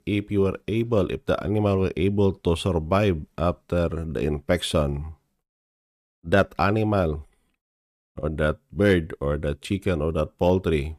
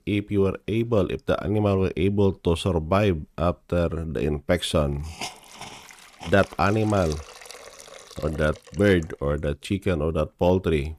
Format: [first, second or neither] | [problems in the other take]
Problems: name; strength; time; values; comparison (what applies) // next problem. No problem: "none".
first | hiss; noticeable; throughout; 15 dB below the speech